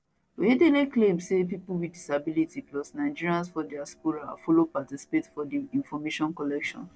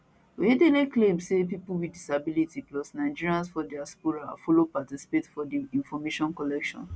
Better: second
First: noise reduction (neural separator model SepFormer DNS4)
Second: none

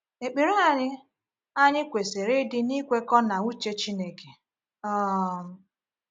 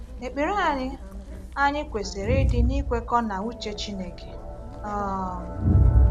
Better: first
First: none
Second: background sound (Crowd); 3 dB above the speech

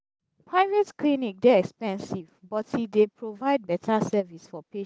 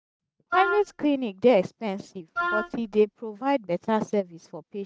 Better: first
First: none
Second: noise reduction (neural mask model RNNoise)

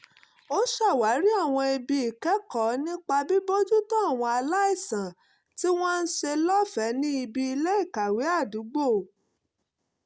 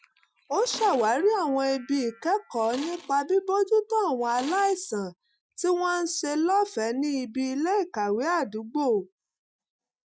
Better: first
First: none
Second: noise reduction (classical method Wiener filter)

